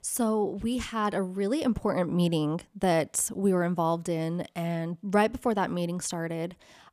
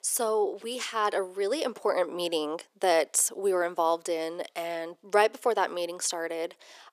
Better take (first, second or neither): first